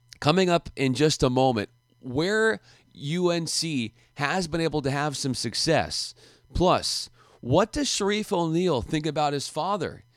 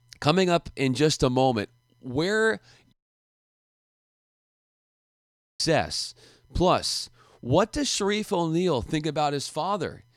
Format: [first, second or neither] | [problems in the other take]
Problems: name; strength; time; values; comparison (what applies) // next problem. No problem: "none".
first | audio cutting out; at 3 s for 2.5 s